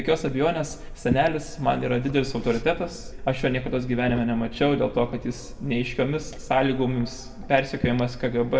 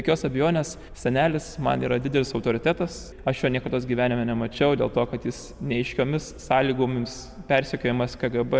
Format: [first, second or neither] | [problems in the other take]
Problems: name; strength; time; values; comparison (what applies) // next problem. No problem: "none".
second | background sound (Liquid); 11 dB below the speech // room echo; dies away in 0.4 s